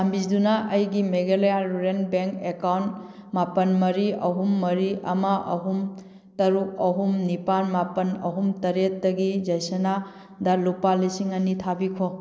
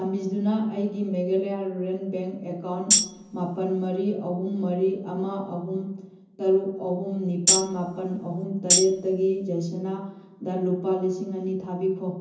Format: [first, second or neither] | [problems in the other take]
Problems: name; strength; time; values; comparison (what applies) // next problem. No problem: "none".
first | background sound (Tambourine); 2 dB above the speech // room echo; dies away in 0.6 s